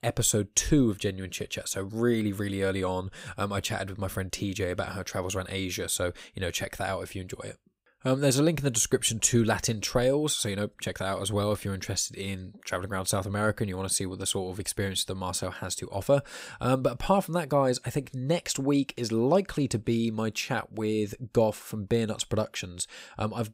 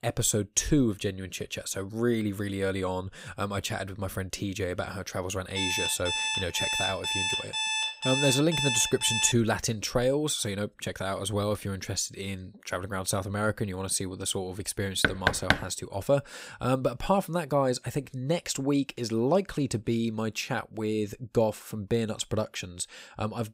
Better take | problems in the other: first | alarm; loud; from 5.5 to 9.5 s; peak 3 dB above the speech // door banging; loud; at 15 s; peak 4 dB above the speech

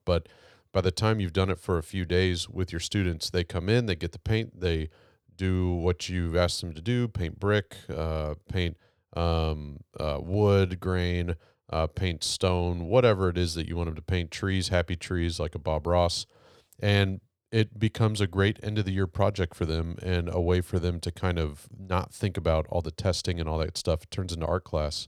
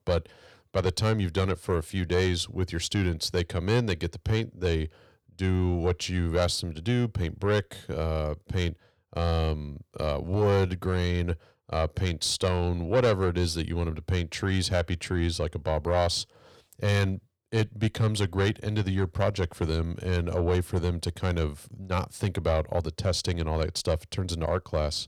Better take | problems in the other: first | distortion; slight; 10 dB below the speech

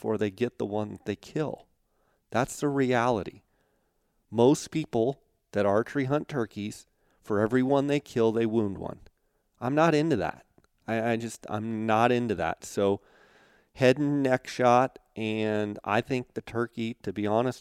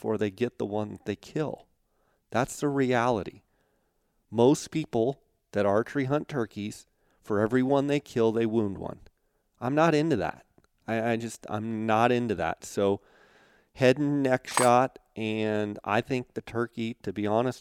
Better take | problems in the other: first | clattering dishes; noticeable; at 15 s; peak 2 dB below the speech

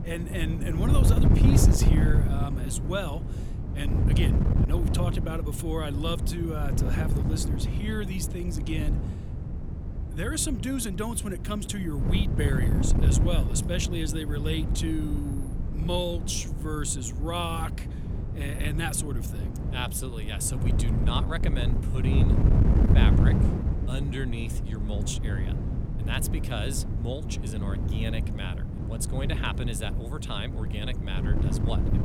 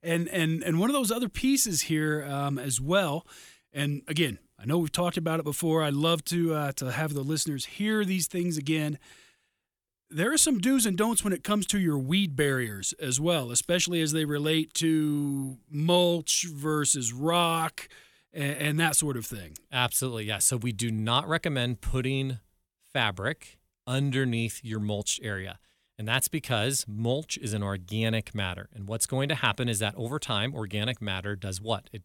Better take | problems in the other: second | wind noise on the microphone; heavy; 4 dB below the speech

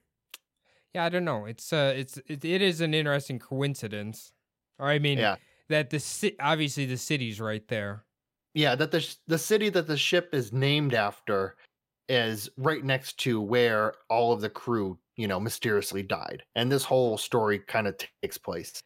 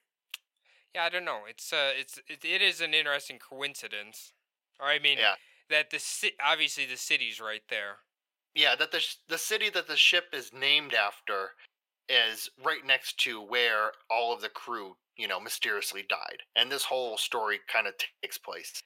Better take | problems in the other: first | thin; very; fading below 750 Hz

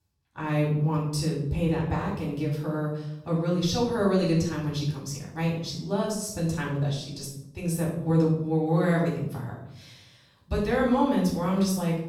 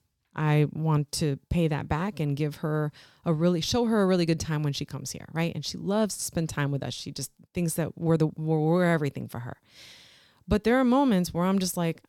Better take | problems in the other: second | off-mic speech; far // room echo; noticeable; dies away in 0.6 s

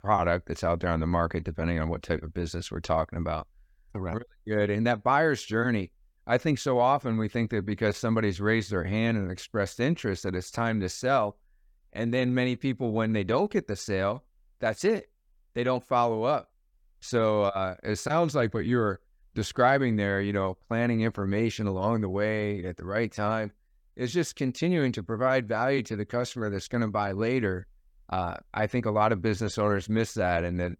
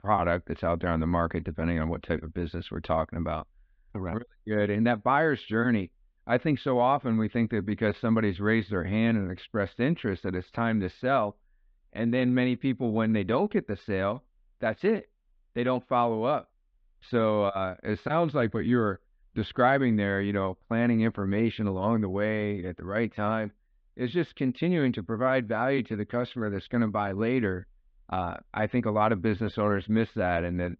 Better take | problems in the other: first | muffled; very; fading above 3.5 kHz

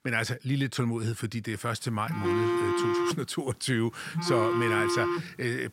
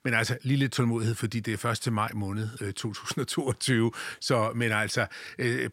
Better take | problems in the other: second | phone ringing; loud; from 2 s on; peak 4 dB above the speech

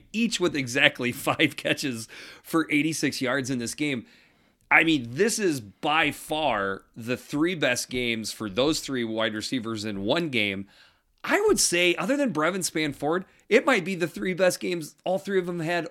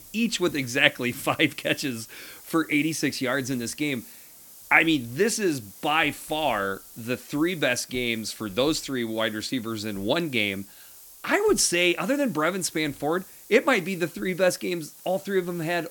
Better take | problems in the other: first | hiss; noticeable; throughout; 20 dB below the speech

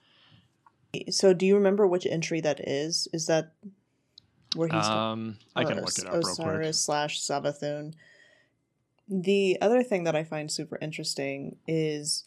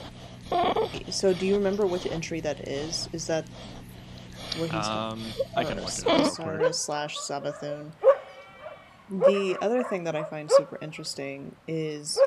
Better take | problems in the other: first | animal sounds; very loud; throughout; 2 dB above the speech

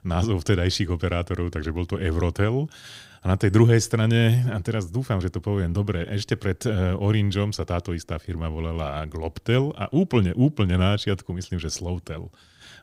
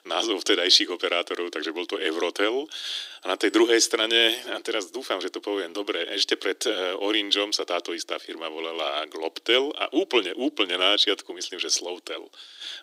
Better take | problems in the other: first | thin; very; fading below 300 Hz

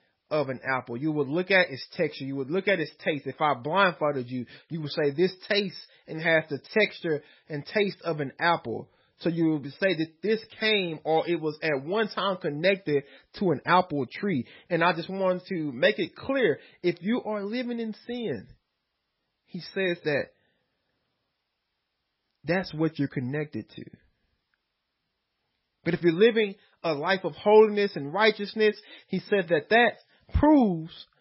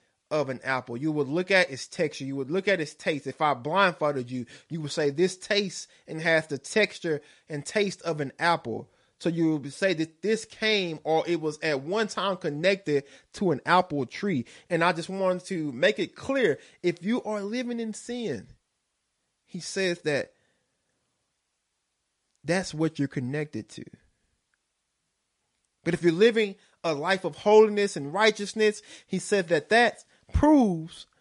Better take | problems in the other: second | garbled, watery; badly; nothing above 5.5 kHz; slightly in the second

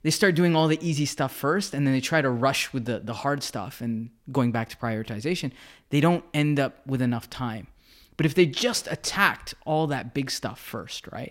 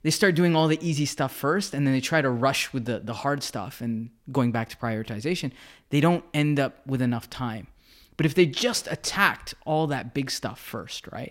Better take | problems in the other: neither | none

